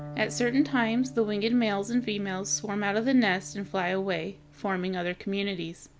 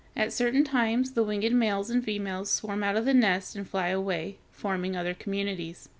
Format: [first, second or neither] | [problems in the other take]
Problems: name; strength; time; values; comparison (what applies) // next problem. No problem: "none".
second | background sound (Electric guitar); 18 dB below the speech